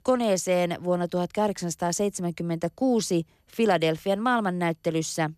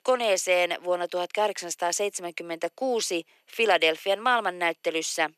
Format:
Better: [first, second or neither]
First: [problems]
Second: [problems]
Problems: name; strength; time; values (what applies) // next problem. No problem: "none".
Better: first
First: none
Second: thin; very; fading below 400 Hz